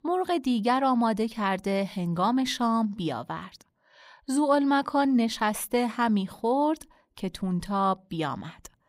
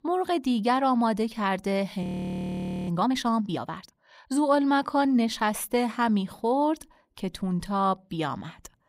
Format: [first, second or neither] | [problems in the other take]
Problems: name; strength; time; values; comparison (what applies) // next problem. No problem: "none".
first | audio freezing; at 2 s for 1 s